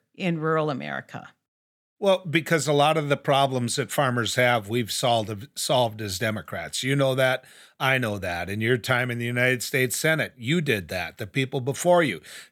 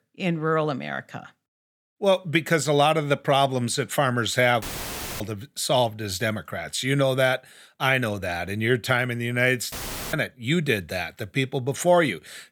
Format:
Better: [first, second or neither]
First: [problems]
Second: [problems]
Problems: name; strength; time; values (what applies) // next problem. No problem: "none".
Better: first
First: none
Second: audio cutting out; filled with static; at 4.5 s for 0.5 s and at 9.5 s